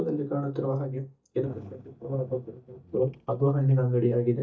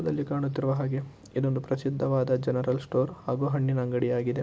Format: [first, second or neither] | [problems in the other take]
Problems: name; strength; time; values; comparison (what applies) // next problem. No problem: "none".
second | noise reduction (neural mask model DeepFilterNet 3)